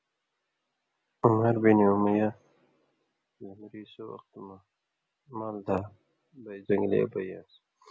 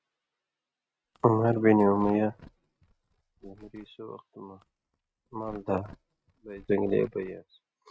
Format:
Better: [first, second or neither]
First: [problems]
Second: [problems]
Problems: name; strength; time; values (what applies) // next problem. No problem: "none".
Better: first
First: none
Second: noise reduction (neural mask model RNNoise)